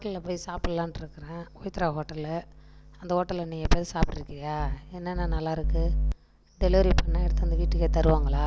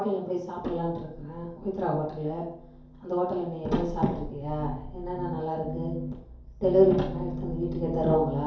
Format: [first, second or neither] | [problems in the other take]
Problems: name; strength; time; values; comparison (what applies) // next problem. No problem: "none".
first | room echo; dies away in 2.4 s